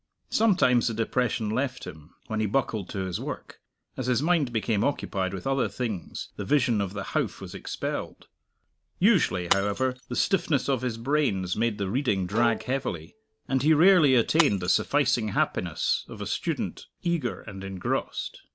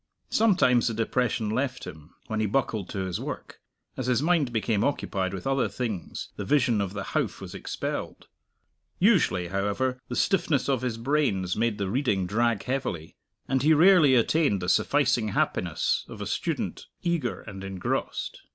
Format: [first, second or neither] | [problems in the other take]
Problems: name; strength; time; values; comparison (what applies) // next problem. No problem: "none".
second | background sound (Bowed string instrument + Shatter); 12 dB below the speech